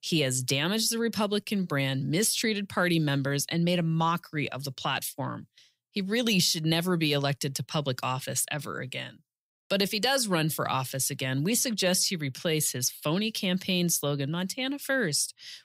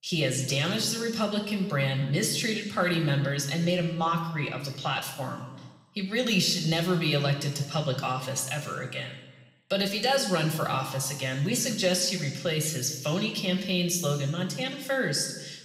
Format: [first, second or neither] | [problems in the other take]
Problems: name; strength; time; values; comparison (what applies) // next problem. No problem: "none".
first | room echo; slight; dies away in 1.2 s // off-mic speech; somewhat distant